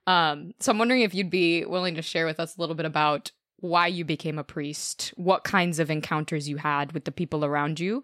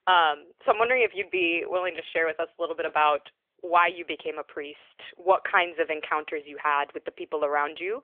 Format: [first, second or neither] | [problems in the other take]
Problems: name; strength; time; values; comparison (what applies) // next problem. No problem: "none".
first | phone-call audio; nothing above 3.5 kHz